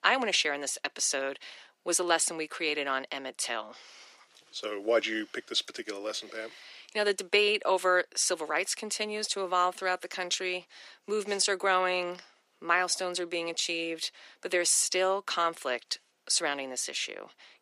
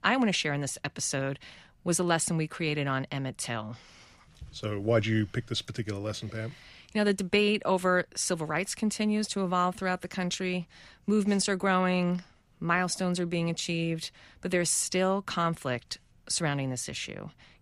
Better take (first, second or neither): second